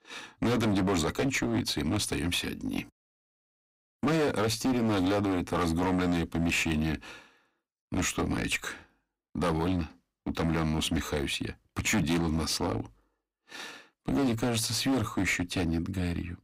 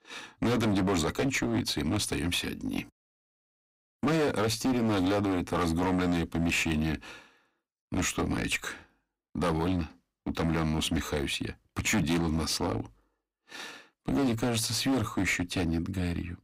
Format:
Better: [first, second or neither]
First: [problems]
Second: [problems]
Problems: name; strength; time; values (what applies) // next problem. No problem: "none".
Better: neither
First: distortion; heavy; 13% of the sound clipped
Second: distortion; heavy; 13% of the sound clipped